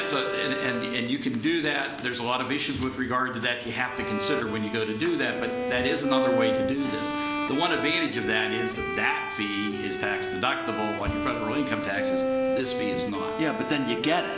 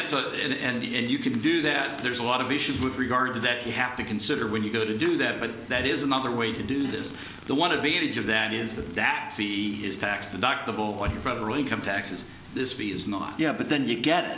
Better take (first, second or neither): second